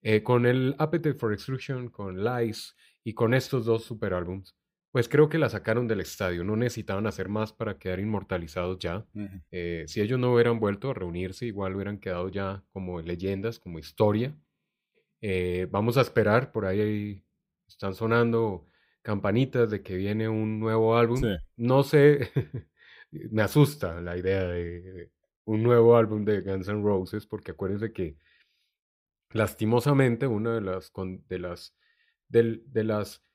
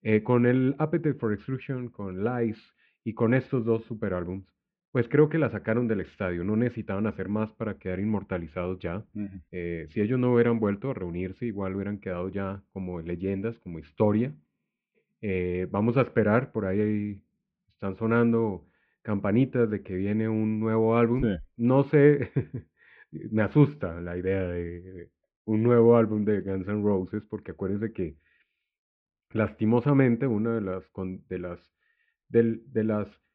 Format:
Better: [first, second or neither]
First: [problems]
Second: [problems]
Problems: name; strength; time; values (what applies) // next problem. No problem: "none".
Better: first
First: none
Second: muffled; very; fading above 2.5 kHz